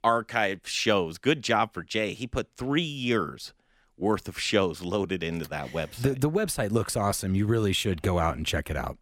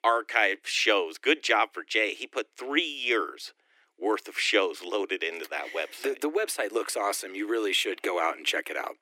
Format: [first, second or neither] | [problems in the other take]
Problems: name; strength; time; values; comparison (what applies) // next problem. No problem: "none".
first | thin; very; fading below 300 Hz